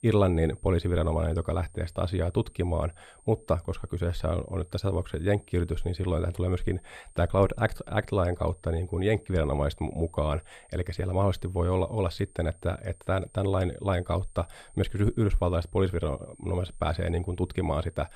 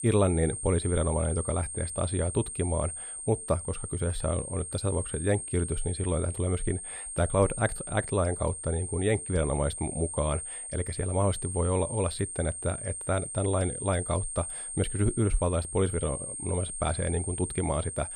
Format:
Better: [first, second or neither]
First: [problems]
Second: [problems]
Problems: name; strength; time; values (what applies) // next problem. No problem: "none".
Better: first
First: high-pitched whine; faint; throughout; 8.5 kHz, 30 dB below the speech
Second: high-pitched whine; loud; throughout; 8.5 kHz, 6 dB below the speech